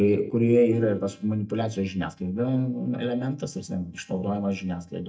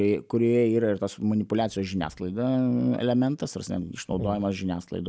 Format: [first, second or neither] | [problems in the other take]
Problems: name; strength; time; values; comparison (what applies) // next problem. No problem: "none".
second | noise reduction (neural mask model DeepFilterNet 3)